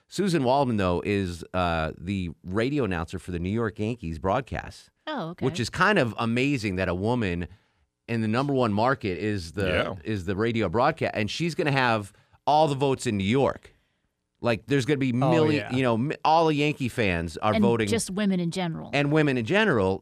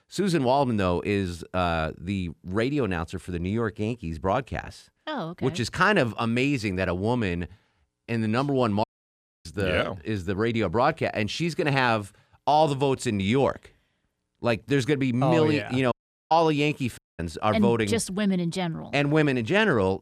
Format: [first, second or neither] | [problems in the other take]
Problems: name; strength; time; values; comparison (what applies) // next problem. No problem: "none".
first | audio cutting out; at 9 s for 0.5 s, at 16 s and at 17 s